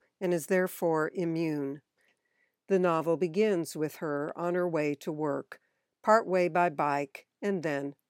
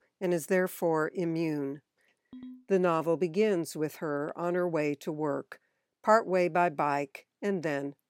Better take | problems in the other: first | phone ringing; faint; at 2.5 s; peak 20 dB below the speech

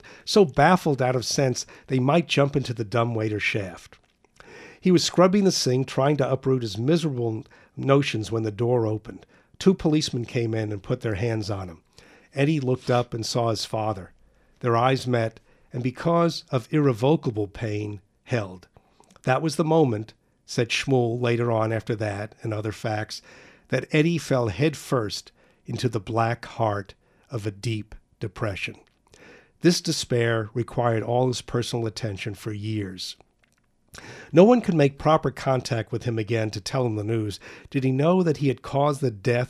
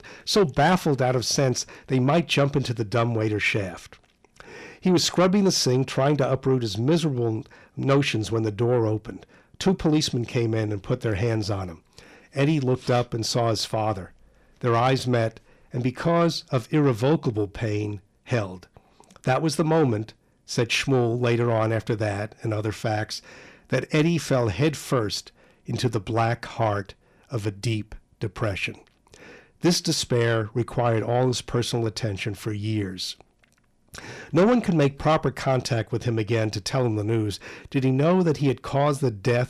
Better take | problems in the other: first | distortion; slight; 10 dB below the speech

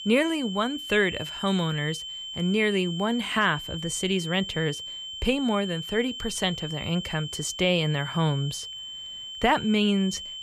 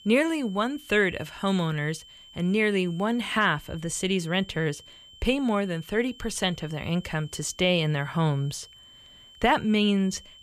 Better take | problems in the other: second | high-pitched whine; loud; throughout; 3 kHz, 8 dB below the speech; faint in the second

